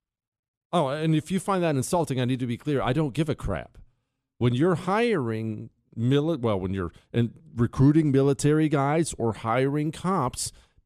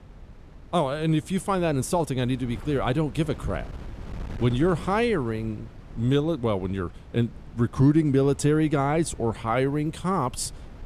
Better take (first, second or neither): first